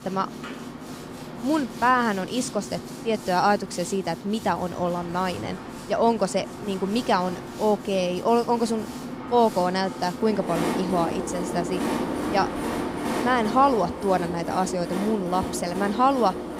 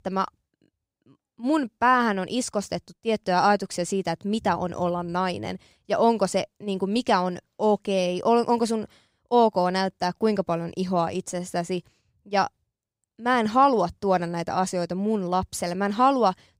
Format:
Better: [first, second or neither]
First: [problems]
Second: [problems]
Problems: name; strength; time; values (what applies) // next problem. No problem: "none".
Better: second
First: train or aircraft noise; loud; throughout; 7 dB below the speech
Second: none